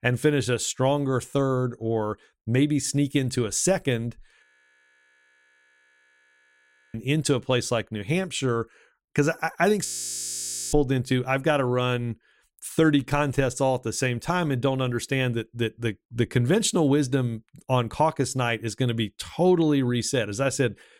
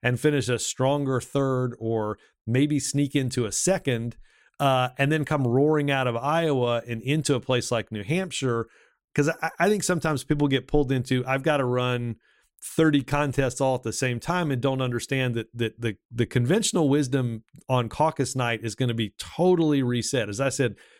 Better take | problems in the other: second | audio freezing; at 4.5 s for 2.5 s and at 10 s for 1 s

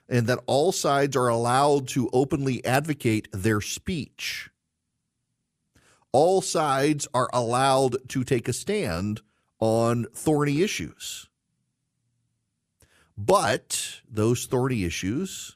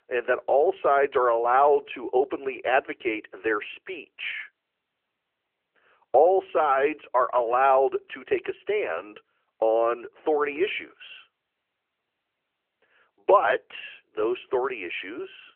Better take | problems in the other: first | phone-call audio; nothing above 3 kHz

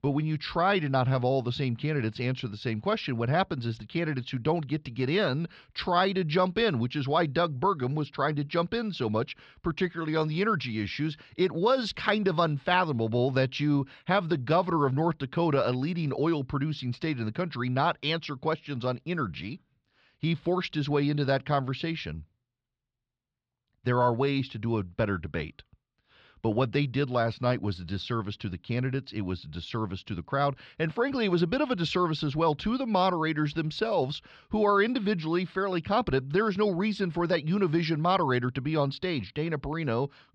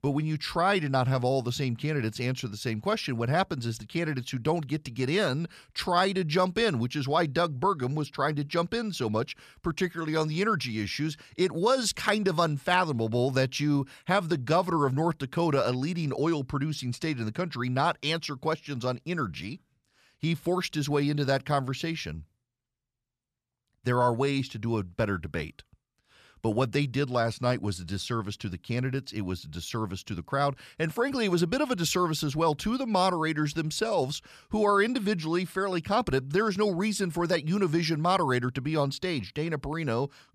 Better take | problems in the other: second | muffled; very slightly; fading above 4 kHz

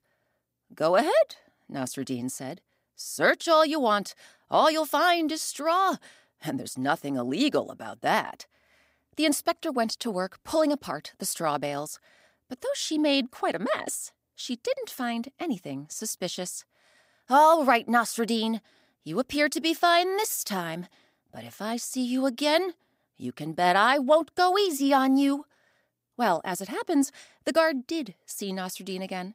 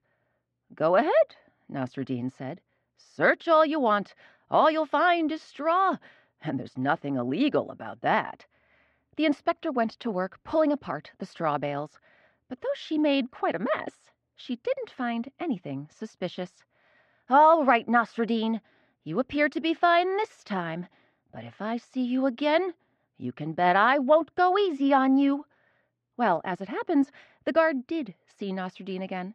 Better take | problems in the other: first | muffled; very; fading above 3 kHz

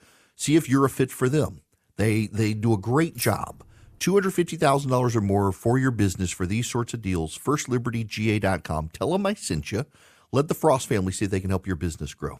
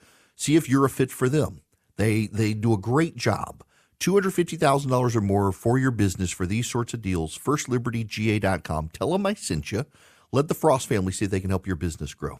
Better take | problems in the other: second | jangling keys; noticeable; at 3 s; peak 9 dB below the speech

